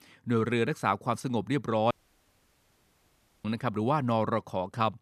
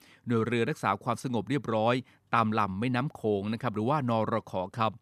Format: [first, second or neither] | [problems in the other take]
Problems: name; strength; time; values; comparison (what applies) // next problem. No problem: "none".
second | audio cutting out; at 2 s for 1.5 s